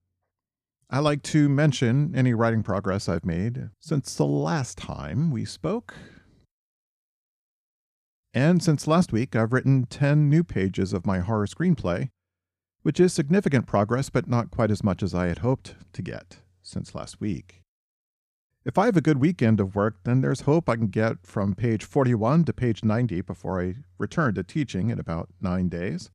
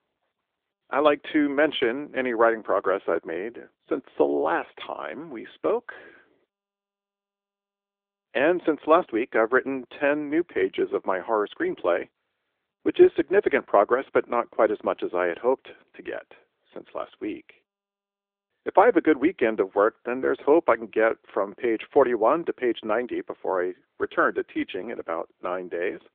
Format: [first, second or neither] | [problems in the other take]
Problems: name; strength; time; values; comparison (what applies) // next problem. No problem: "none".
first | phone-call audio; nothing above 3.5 kHz